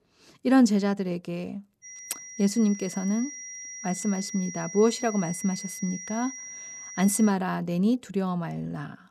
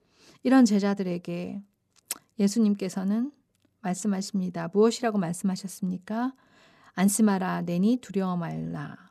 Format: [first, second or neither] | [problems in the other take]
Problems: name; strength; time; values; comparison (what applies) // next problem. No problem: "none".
second | high-pitched whine; noticeable; from 2 to 7.5 s; 5.5 kHz, 10 dB below the speech